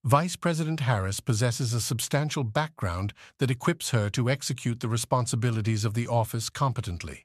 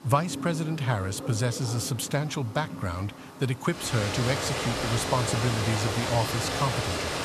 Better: first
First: none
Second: rain or running water; loud; throughout; 3 dB below the speech

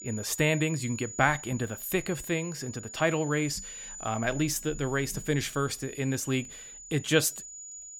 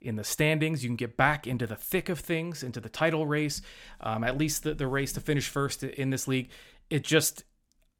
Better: second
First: high-pitched whine; noticeable; throughout; 7 kHz, 10 dB below the speech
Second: none

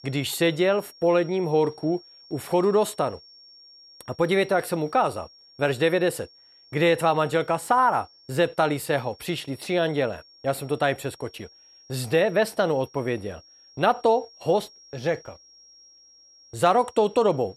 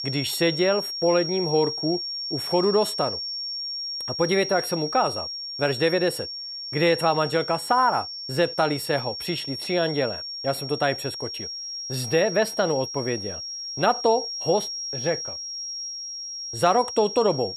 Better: first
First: high-pitched whine; faint; throughout; 5.5 kHz, 25 dB below the speech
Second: high-pitched whine; loud; throughout; 5.5 kHz, 6 dB below the speech

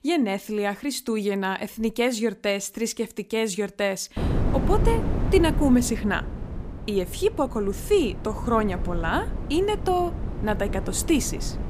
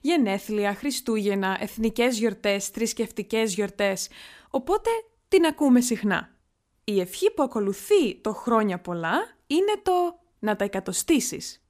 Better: second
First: wind noise on the microphone; occasional gusts; from 4 s on; 10 dB below the speech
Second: none

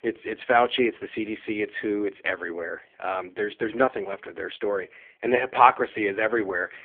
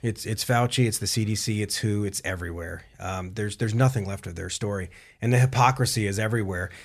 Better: second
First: phone-call audio; poor line; nothing above 3.5 kHz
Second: none

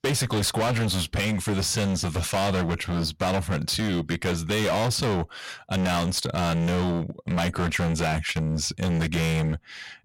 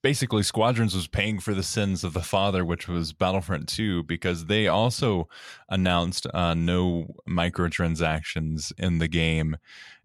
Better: second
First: distortion; heavy; 29% of the sound clipped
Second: none

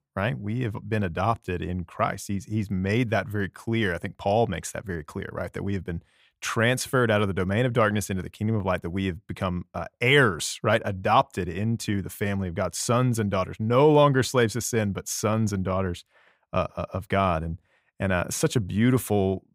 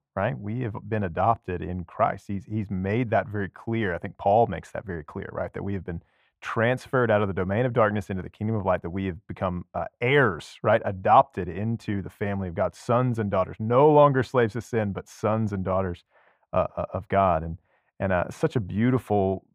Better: first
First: none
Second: muffled; very; fading above 3.5 kHz

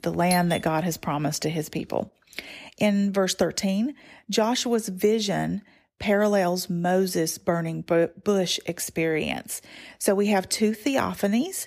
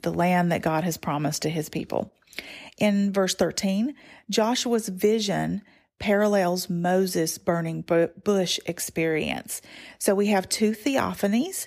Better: second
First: doorbell; noticeable; at 0.5 s; peak 6 dB below the speech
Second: none

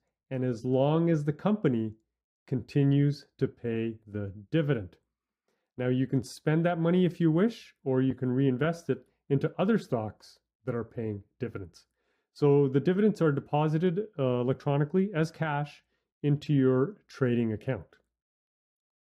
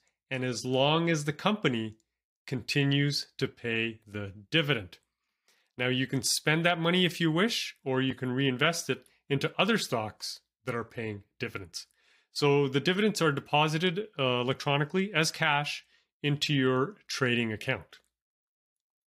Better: second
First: muffled; slightly; fading above 1 kHz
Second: none

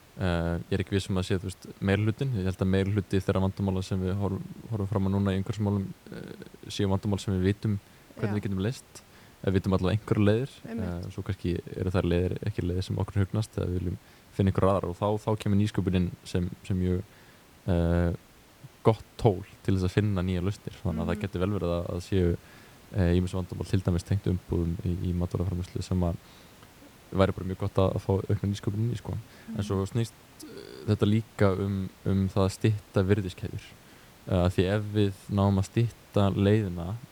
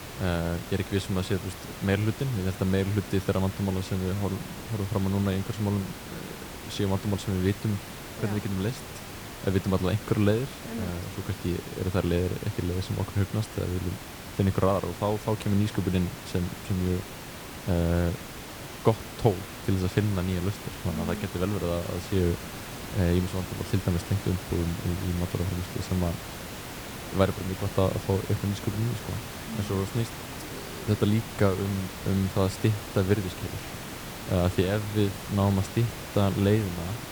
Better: first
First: hiss; faint; throughout; 25 dB below the speech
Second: hiss; loud; throughout; 10 dB below the speech

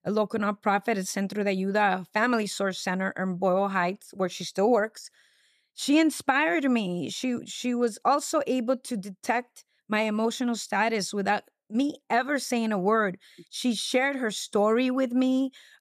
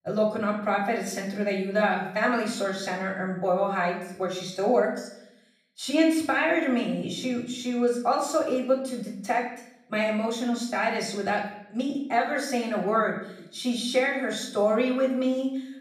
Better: first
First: none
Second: room echo; noticeable; dies away in 0.7 s // off-mic speech; far

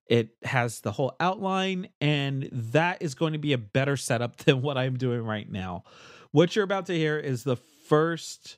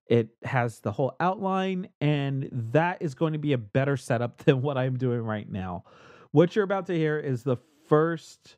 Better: first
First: none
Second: muffled; slightly; fading above 2 kHz

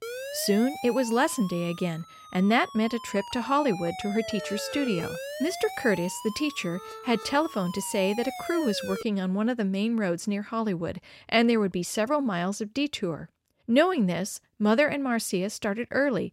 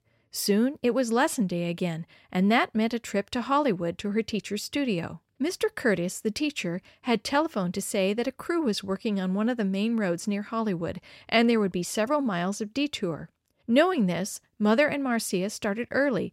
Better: second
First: siren; noticeable; until 9 s; peak 8 dB below the speech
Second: none

